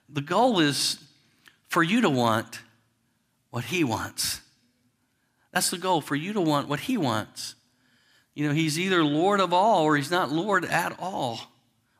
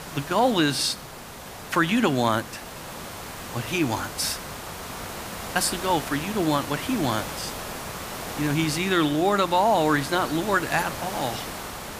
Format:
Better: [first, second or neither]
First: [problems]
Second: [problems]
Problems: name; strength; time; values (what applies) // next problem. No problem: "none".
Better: first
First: none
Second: hiss; noticeable; throughout; 10 dB below the speech